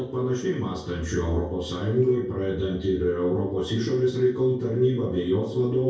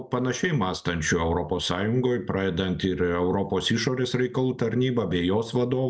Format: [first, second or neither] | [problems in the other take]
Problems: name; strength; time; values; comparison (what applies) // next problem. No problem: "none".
second | noise reduction (neural separator model SepFormer DNS4)